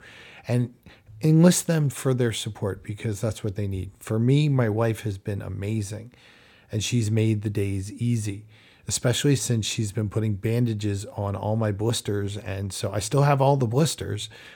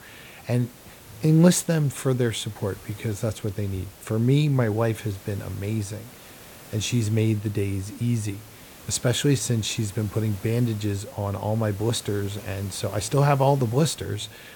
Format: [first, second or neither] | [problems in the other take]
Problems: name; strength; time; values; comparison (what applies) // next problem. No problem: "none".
first | hiss; noticeable; throughout; 20 dB below the speech